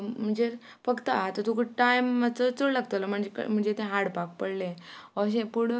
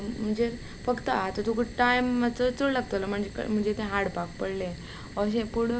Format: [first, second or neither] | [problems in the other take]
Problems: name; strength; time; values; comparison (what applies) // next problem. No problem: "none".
first | background sound (Fire); 13 dB below the speech